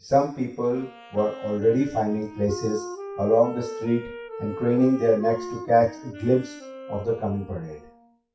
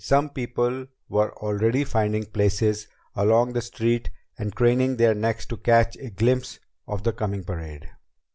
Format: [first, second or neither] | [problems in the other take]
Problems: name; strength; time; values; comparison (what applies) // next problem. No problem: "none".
second | noise reduction (classical method WPE with log-MMSE)